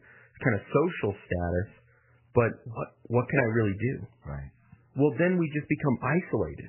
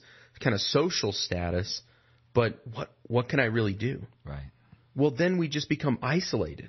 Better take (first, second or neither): second